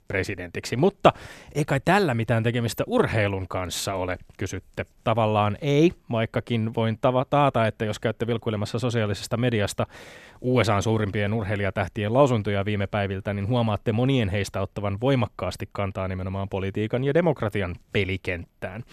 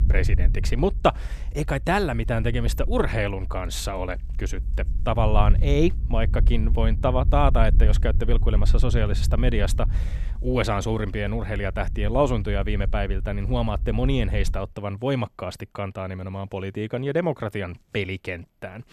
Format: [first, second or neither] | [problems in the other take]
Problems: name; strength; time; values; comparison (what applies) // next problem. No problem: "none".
first | low rumble; noticeable; until 15 s; 20 dB below the speech